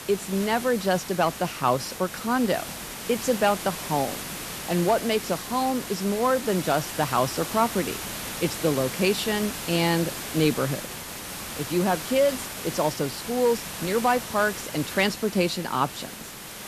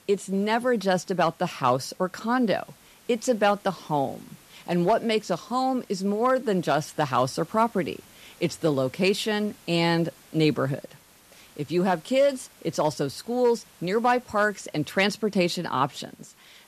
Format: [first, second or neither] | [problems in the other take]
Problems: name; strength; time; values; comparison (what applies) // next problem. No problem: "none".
second | hiss; loud; throughout; 8 dB below the speech; faint in the second